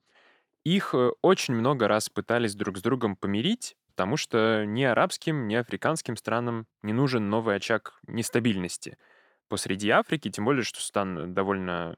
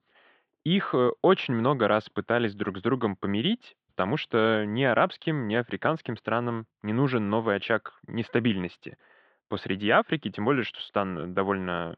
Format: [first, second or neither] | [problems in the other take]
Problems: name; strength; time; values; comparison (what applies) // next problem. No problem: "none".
first | muffled; very; fading above 3.5 kHz